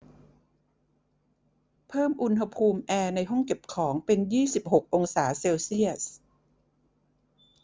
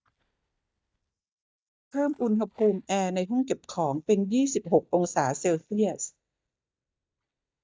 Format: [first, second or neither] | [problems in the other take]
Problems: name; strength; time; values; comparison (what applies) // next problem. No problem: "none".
first | noise reduction (neural mask model DeepFilterNet 3)